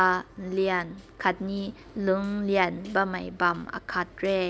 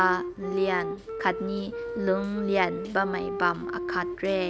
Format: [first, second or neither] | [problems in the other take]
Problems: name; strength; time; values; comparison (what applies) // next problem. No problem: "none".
first | background sound (Wind instrument, woodwind instrument); 6 dB below the speech